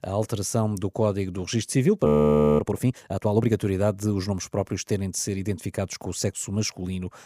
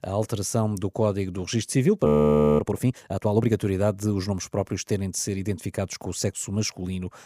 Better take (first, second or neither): neither